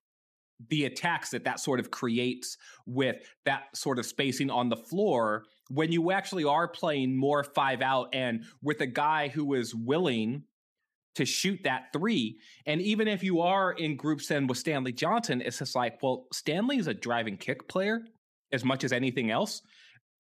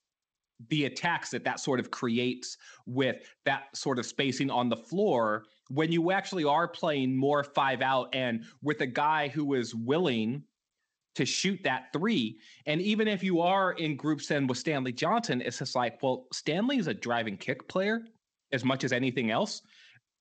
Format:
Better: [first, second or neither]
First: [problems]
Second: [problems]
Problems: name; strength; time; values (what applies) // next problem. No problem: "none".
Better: first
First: none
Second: garbled, watery; slightly; nothing above 8 kHz